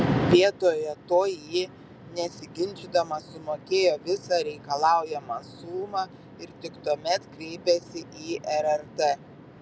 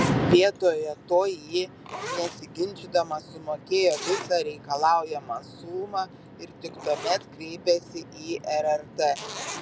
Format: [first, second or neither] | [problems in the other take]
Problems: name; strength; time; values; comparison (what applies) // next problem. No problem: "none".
first | background sound (Zipper (clothing)); 14 dB below the speech